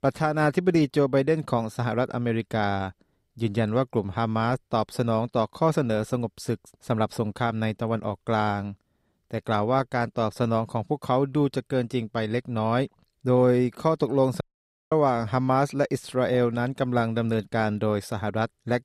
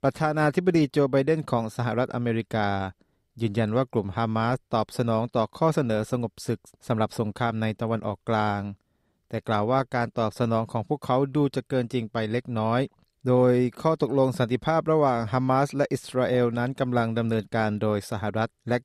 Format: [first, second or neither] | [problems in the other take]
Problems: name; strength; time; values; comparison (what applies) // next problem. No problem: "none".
second | audio cutting out; at 14 s for 0.5 s